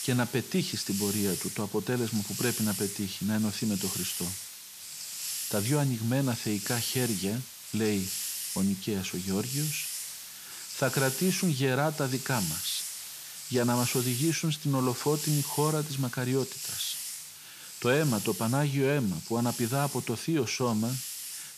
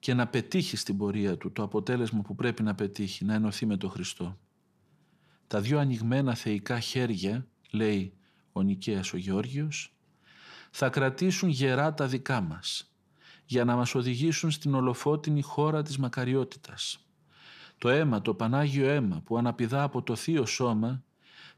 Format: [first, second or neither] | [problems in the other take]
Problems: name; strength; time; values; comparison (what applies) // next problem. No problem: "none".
second | hiss; loud; throughout; 5 dB below the speech